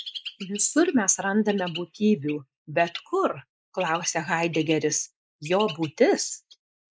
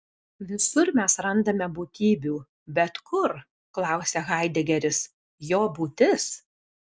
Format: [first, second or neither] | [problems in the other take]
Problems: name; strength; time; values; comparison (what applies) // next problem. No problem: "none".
second | noise reduction (neural mask model Resemble Enhance denoiser)